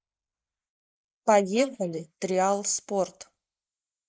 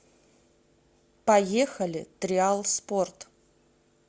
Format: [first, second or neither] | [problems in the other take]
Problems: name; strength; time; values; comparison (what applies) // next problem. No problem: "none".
second | noise reduction (neural mask model Resemble Enhance denoiser)